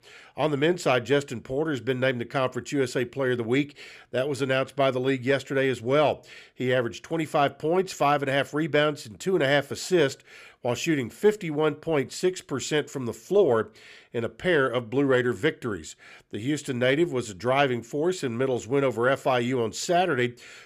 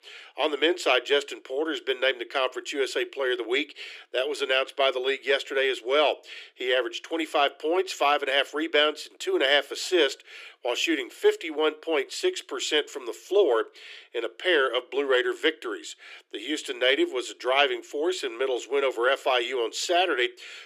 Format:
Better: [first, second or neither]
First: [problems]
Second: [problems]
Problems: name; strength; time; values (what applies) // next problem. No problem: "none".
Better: first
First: none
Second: thin; very; fading below 300 Hz